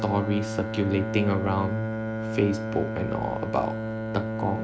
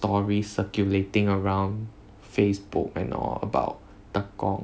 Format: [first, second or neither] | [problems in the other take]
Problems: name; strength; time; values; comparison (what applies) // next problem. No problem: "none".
second | background sound (Bowed string instrument); 3 dB below the speech